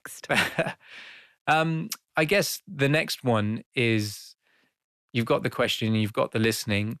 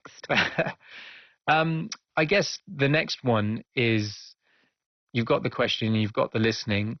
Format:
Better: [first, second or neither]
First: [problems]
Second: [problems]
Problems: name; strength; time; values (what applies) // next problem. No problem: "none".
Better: first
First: none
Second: garbled, watery; badly; nothing above 6 kHz